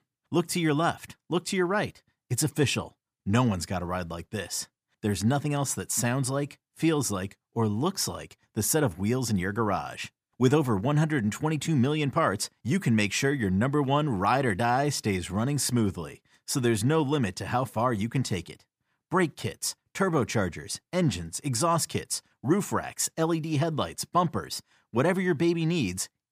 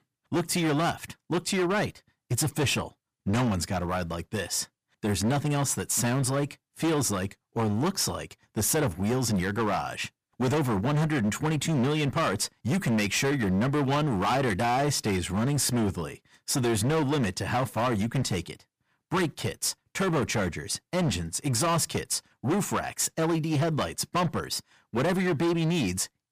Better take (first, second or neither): first